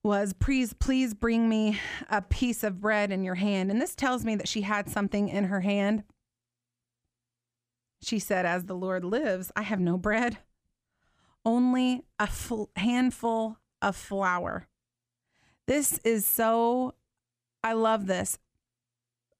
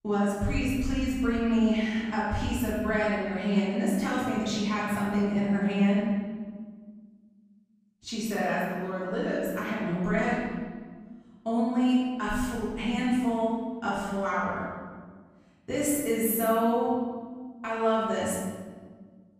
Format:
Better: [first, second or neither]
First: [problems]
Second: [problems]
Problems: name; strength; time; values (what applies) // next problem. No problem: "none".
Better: first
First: none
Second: room echo; strong; dies away in 1.5 s // off-mic speech; far